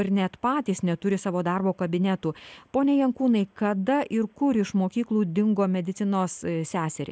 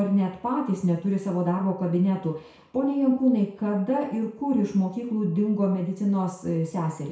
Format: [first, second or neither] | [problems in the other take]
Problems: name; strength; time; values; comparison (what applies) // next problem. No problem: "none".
first | room echo; dies away in 0.6 s